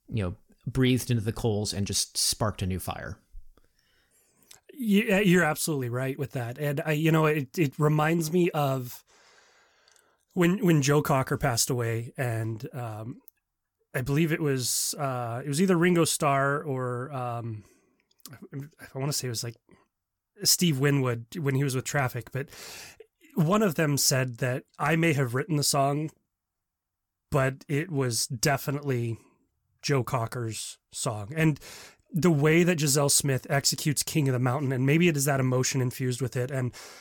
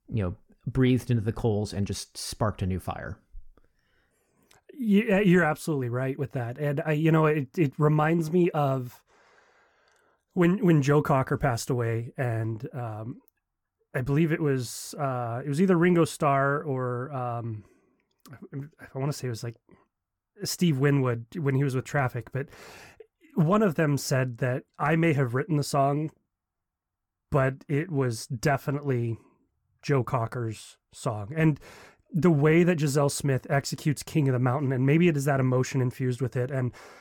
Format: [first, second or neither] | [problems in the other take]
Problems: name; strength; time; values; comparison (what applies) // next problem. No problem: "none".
first | muffled; slightly; fading above 2.5 kHz